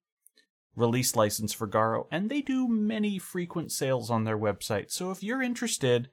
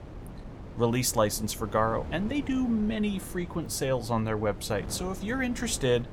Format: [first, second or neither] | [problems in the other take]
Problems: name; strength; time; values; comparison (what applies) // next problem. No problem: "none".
first | wind noise on the microphone; occasional gusts; 15 dB below the speech